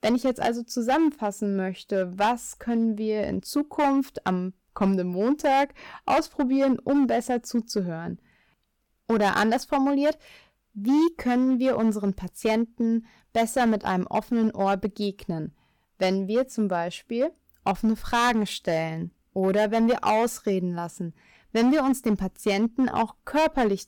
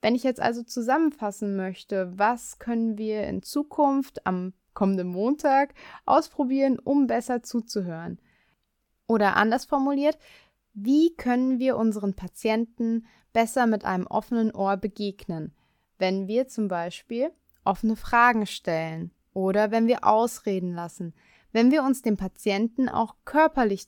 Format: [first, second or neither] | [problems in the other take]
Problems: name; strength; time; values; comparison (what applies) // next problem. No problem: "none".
second | distortion; slight; 7% of the sound clipped